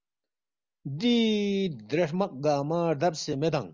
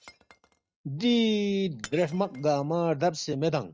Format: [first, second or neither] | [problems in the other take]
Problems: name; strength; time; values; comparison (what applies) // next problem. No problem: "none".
first | noise reduction (neural mask model RNNoise)